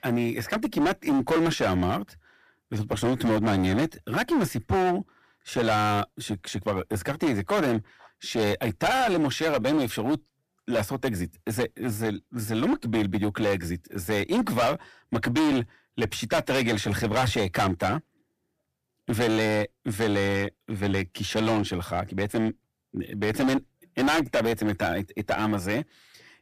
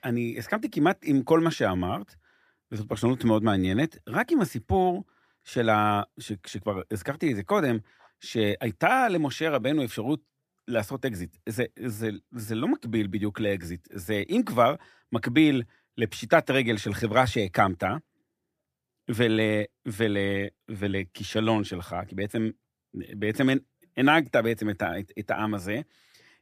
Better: second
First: distortion; heavy; 13% of the sound clipped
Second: none

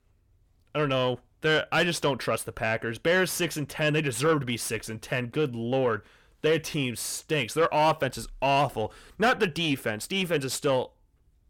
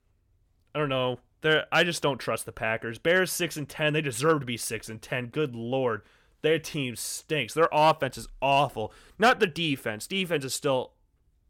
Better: second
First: distortion; slight; 10 dB below the speech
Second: none

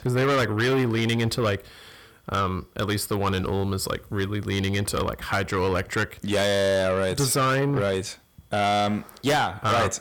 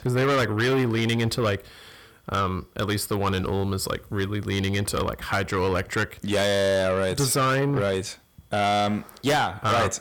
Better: neither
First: distortion; heavy; 7 dB below the speech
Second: distortion; heavy; 7 dB below the speech

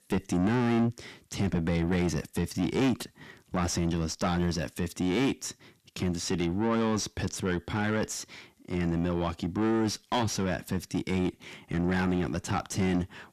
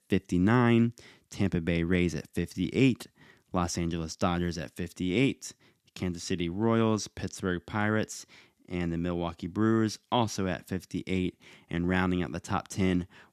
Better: second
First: distortion; heavy; 5 dB below the speech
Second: none

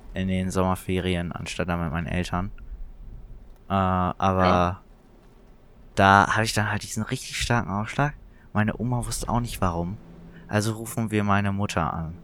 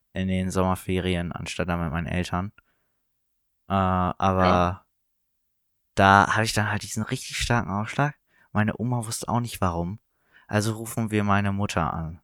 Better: second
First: wind in the background; faint; throughout; 25 dB below the speech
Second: none

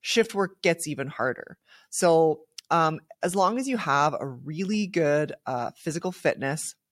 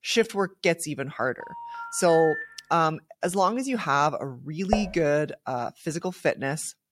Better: first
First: none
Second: phone ringing; noticeable; from 1.5 to 2.5 s; peak 6 dB below the speech // clattering dishes; noticeable; at 4.5 s; peak 4 dB below the speech

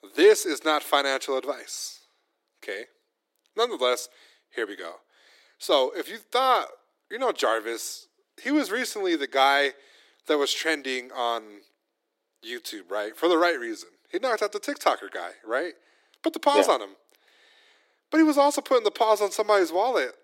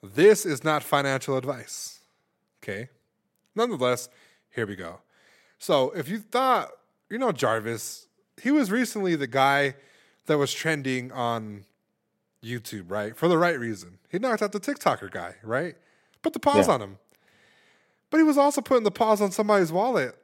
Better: second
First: thin; somewhat; fading below 300 Hz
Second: none

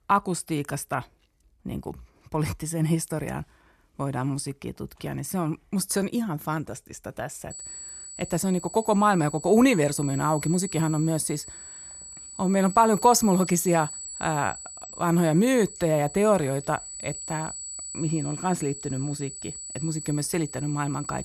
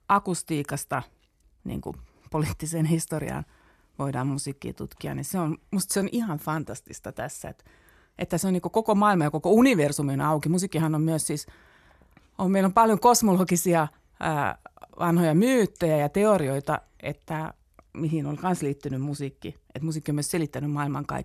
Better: second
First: high-pitched whine; noticeable; from 7.5 s on; 8 kHz, 10 dB below the speech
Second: none

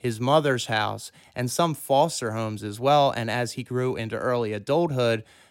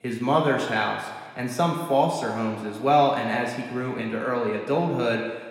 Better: first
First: none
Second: room echo; noticeable; dies away in 1.6 s // off-mic speech; somewhat distant

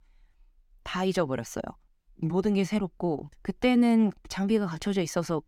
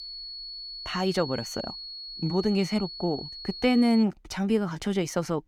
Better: first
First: none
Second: high-pitched whine; loud; until 4 s; 4.5 kHz, 10 dB below the speech

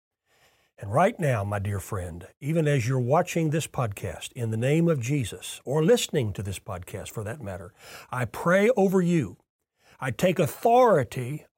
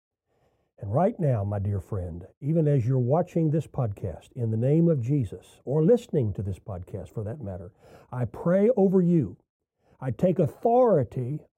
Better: first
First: none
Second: muffled; very; fading above 1 kHz

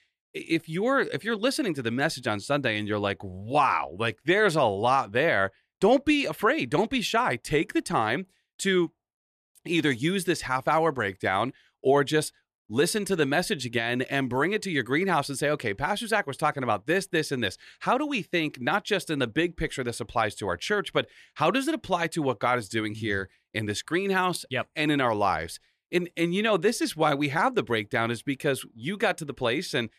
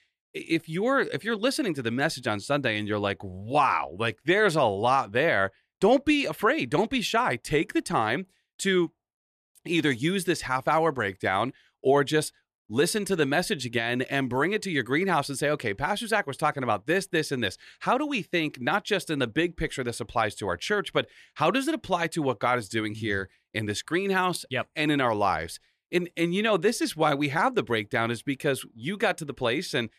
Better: neither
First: none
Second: none

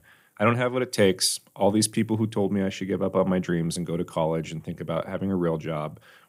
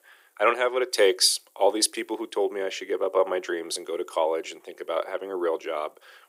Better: first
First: none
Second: thin; very; fading below 350 Hz

